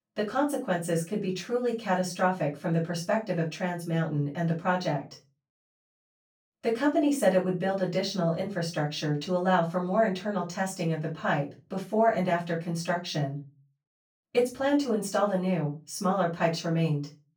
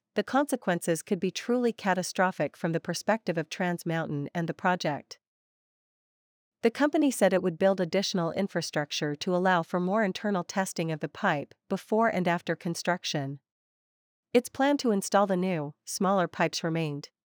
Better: second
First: off-mic speech; far // room echo; slight; dies away in 0.3 s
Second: none

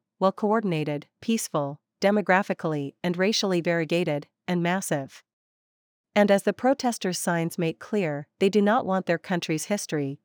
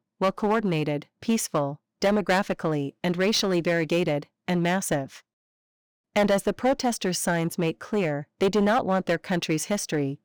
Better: first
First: none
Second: distortion; slight; 7% of the sound clipped

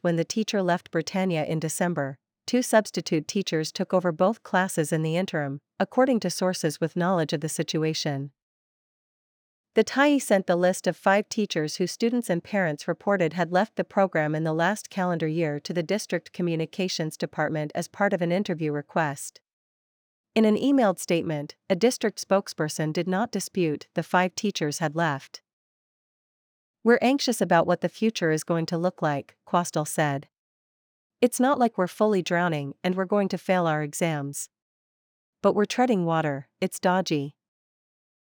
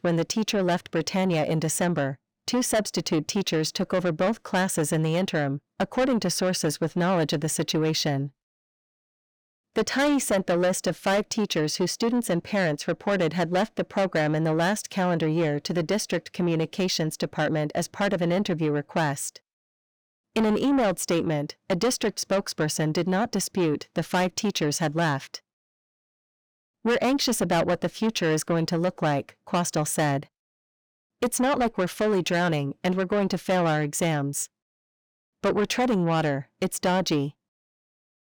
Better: first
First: none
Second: distortion; heavy; 8 dB below the speech

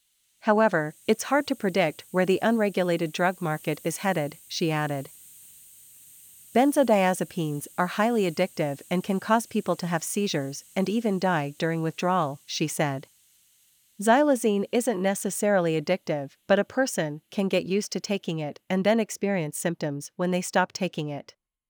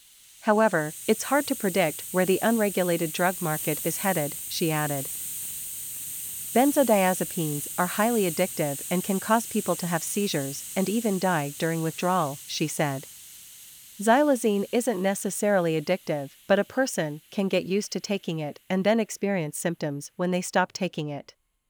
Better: first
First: hiss; faint; throughout; 25 dB below the speech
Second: hiss; loud; throughout; 7 dB below the speech

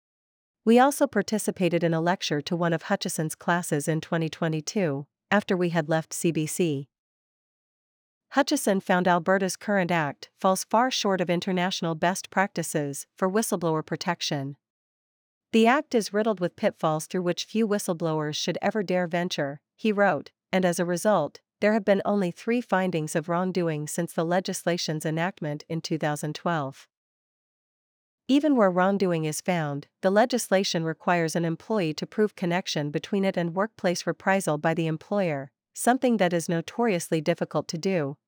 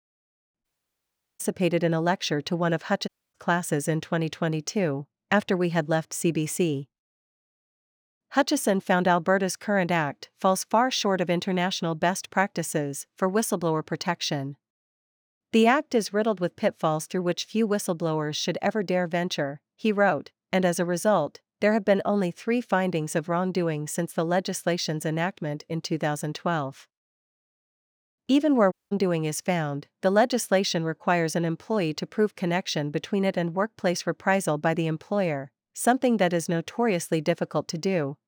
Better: first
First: none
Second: audio cutting out; at 0.5 s for 0.5 s, at 3 s and at 29 s

